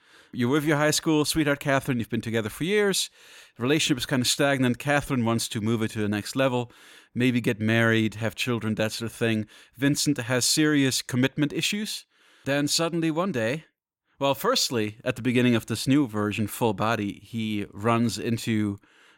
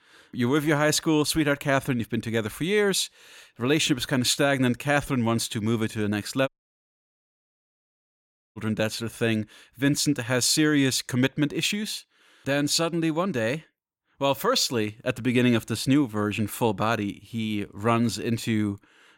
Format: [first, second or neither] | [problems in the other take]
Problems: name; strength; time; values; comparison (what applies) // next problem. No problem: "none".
first | audio cutting out; at 6.5 s for 2 s